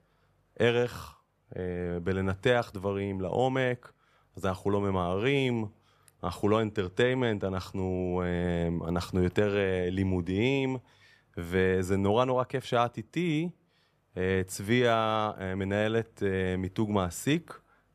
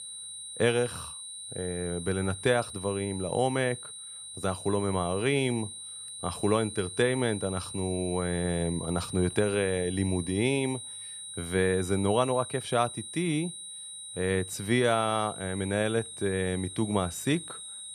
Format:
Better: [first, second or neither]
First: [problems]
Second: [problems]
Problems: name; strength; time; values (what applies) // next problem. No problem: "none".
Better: first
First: none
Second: high-pitched whine; loud; throughout; 9 kHz, 9 dB below the speech